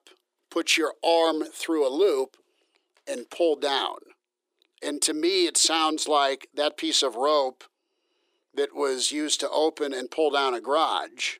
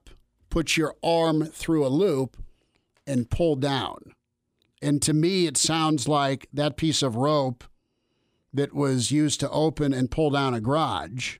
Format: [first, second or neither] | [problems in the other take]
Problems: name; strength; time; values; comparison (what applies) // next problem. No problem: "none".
second | thin; very; fading below 350 Hz